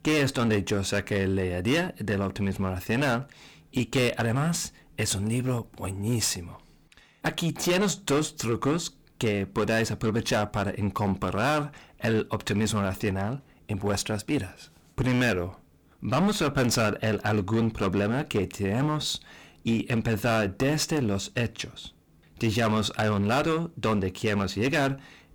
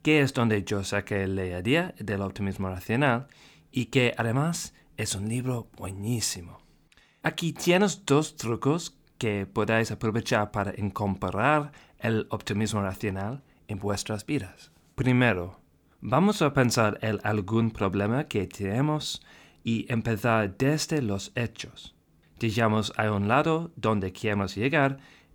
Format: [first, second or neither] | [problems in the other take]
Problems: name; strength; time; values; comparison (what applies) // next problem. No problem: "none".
second | distortion; heavy; 11% of the sound clipped